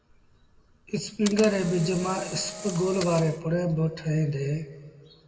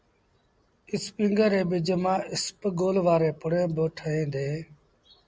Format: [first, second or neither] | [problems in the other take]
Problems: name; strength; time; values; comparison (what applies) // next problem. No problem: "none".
second | background sound (Camera); 13 dB below the speech // room echo; dies away in 1.3 s